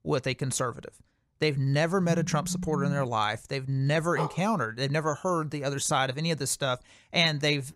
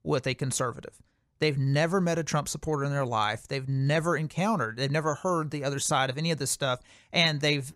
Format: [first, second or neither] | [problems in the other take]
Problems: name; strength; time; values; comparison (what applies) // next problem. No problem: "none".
second | phone ringing; noticeable; from 2 to 3 s; peak 5 dB below the speech // dog barking; noticeable; at 4 s; peak 7 dB below the speech